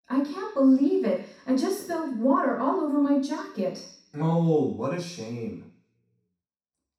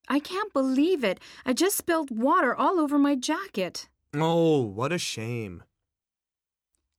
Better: second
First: room echo; noticeable; dies away in 0.6 s // off-mic speech; far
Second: none

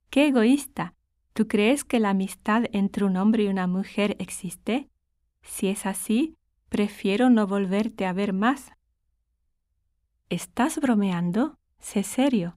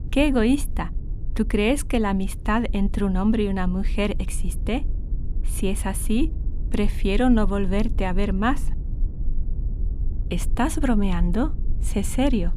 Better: first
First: none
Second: low rumble; faint; throughout; 20 dB below the speech

